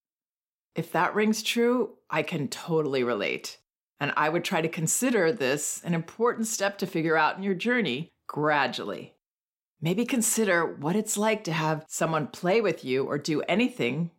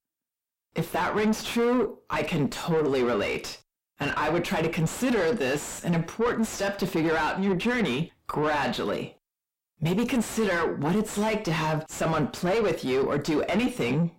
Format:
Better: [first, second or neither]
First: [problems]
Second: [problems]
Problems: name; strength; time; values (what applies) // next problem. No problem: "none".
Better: first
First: none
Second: distortion; heavy; 5 dB below the speech